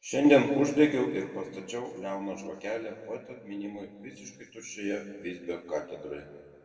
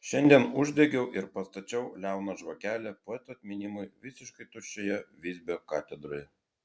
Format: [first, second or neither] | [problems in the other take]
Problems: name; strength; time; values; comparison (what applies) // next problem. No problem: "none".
second | room echo; dies away in 2 s